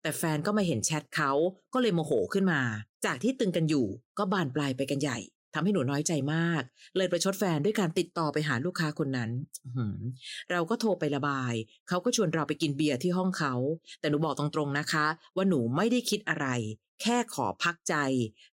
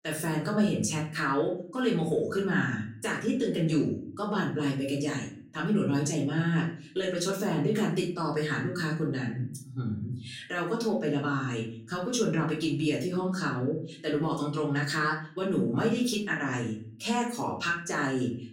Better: first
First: none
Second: room echo; slight; dies away in 0.4 s // off-mic speech; far

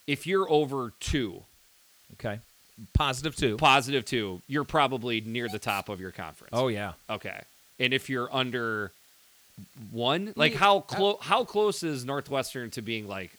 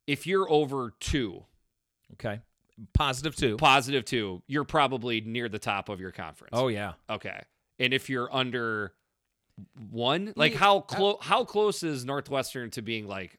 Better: second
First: hiss; faint; throughout; 25 dB below the speech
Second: none

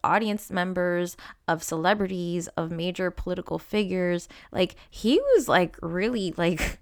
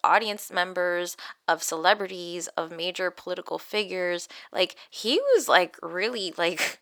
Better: first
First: none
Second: thin; somewhat; fading below 500 Hz

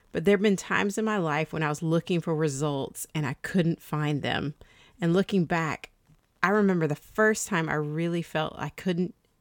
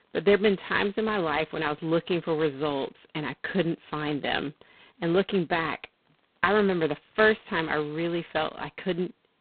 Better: first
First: none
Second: phone-call audio; poor line; nothing above 4 kHz

